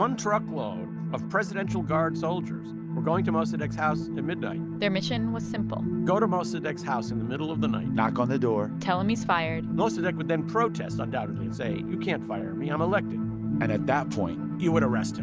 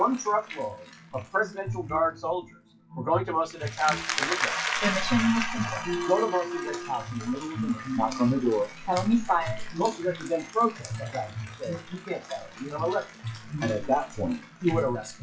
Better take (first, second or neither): first